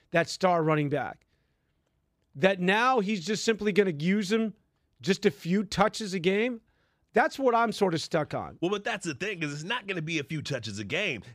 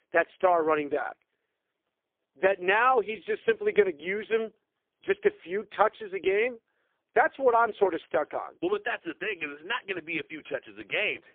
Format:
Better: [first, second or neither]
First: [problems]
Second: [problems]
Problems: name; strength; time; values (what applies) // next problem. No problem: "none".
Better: first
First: none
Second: phone-call audio; poor line